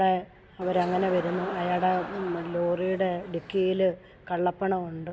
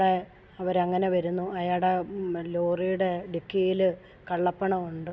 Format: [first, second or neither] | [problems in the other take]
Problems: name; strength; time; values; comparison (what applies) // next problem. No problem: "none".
second | background sound (Crowd); 11 dB below the speech